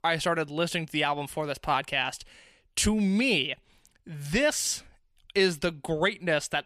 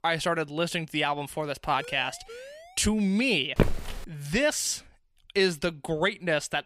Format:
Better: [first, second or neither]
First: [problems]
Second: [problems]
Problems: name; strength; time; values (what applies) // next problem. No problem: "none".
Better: first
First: none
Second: siren; faint; at 2 s; peak 15 dB below the speech // footsteps; noticeable; at 3.5 s; peak level with the speech